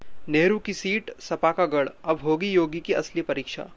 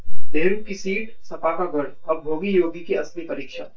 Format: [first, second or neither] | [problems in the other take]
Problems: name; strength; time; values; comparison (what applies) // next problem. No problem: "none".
first | noise reduction (neural mask model DeepFilterNet 3)